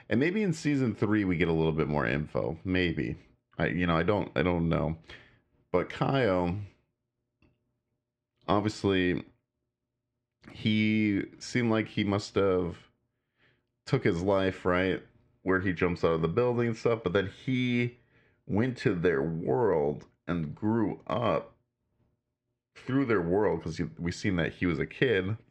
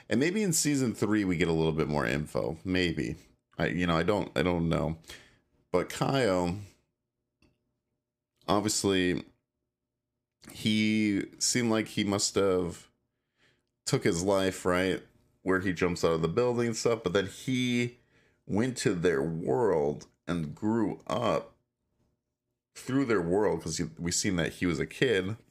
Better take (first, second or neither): second